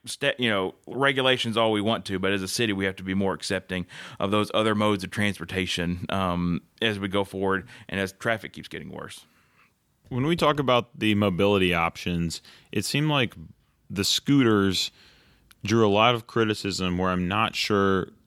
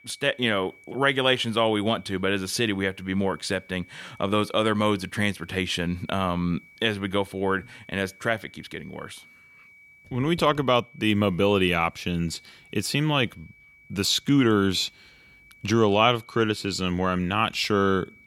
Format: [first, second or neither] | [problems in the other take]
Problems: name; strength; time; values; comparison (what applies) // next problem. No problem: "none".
first | high-pitched whine; faint; throughout; 2.5 kHz, 25 dB below the speech